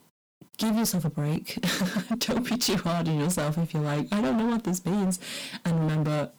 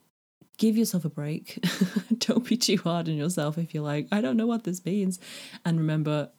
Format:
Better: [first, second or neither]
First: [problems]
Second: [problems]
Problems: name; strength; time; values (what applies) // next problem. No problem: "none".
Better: second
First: distortion; heavy; 28% of the sound clipped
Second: none